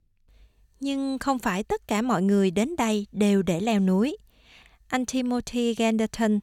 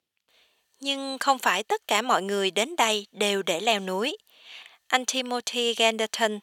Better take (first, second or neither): first